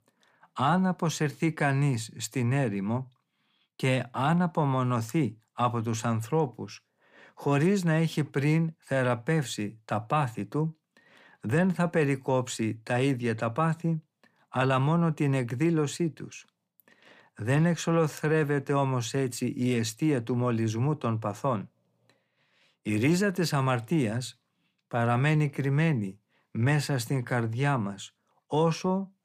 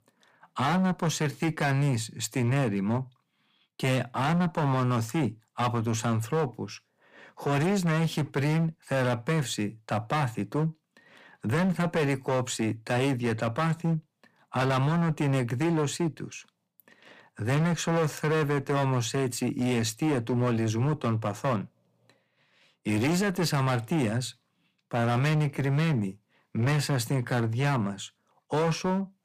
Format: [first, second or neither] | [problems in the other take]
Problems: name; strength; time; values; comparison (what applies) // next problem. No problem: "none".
first | distortion; slight; 15% of the sound clipped